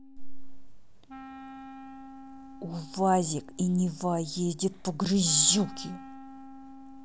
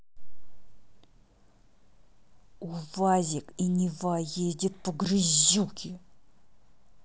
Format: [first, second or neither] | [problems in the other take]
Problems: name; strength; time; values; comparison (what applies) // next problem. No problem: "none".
second | background sound (Wind instrument, woodwind instrument); 17 dB below the speech